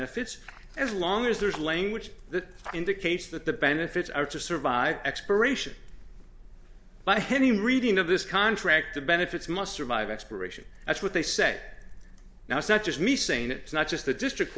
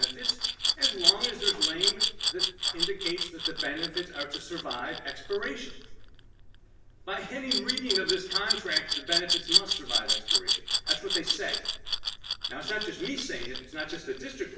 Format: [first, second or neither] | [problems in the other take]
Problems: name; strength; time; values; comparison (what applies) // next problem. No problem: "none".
first | background sound (Glass); 5 dB above the speech // room echo; dies away in 0.8 s